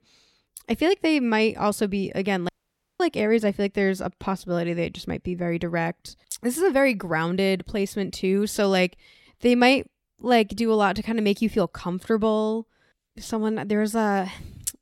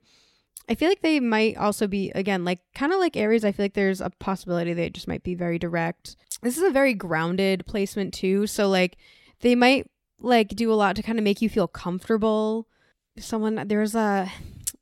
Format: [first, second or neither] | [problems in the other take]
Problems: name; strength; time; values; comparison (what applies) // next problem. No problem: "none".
second | audio cutting out; at 2.5 s for 0.5 s